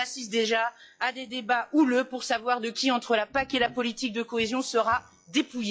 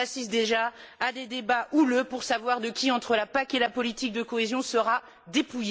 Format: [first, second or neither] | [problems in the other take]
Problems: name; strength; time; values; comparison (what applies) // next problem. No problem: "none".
second | noise reduction (classical method log-MMSE)